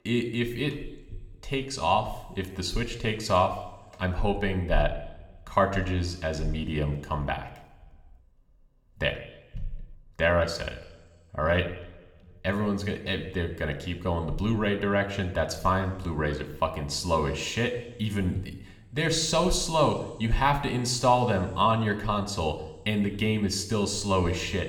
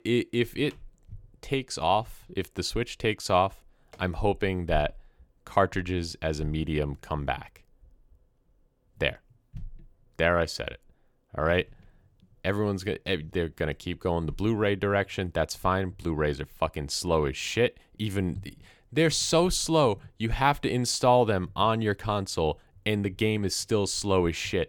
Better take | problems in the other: second | room echo; slight; dies away in 1 s

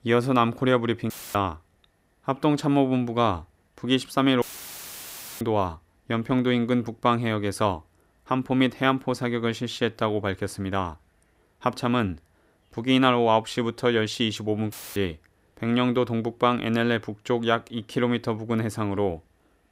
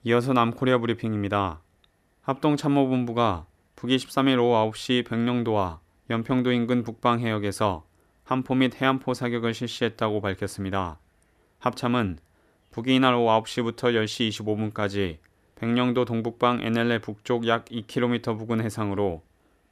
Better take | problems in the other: second | audio cutting out; filled with static; at 1 s, at 4.5 s for 1 s and at 15 s

